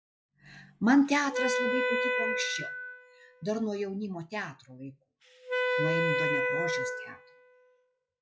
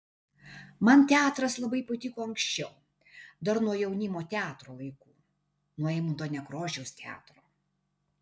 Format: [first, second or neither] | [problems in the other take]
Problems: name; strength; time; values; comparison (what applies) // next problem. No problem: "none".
second | noise reduction (classical method log-MMSE)